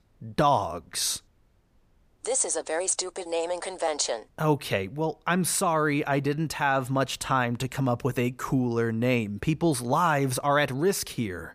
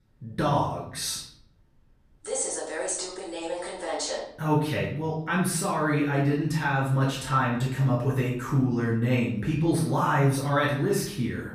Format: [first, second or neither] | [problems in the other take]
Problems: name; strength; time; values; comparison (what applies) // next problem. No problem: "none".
first | off-mic speech; far // room echo; noticeable; dies away in 0.6 s